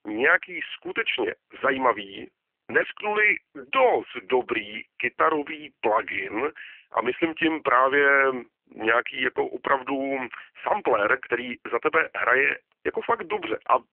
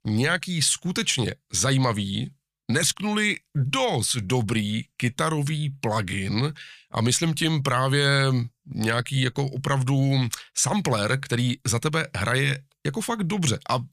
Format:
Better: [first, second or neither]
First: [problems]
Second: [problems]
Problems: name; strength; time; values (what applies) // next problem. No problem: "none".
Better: second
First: phone-call audio; poor line; nothing above 3 kHz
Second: none